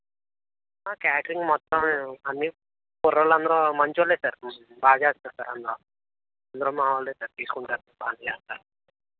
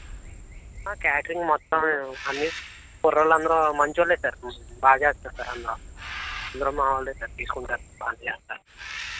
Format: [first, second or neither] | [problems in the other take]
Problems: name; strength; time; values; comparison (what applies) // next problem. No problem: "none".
first | background sound (Bird); 14 dB below the speech